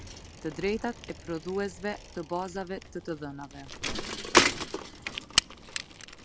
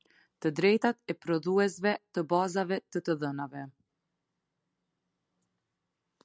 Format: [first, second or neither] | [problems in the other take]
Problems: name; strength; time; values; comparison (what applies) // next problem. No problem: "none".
second | background sound (Bicycle); 4 dB above the speech